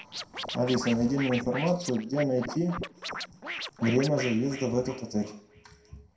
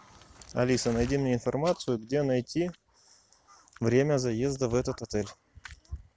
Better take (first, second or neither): second